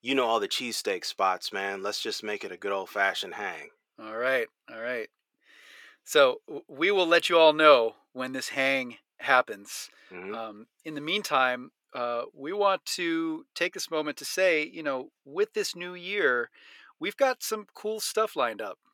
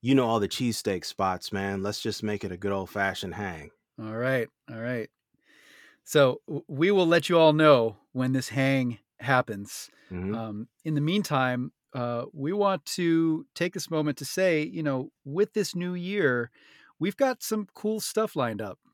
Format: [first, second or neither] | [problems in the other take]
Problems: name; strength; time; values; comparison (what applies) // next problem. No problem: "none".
second | thin; somewhat; fading below 500 Hz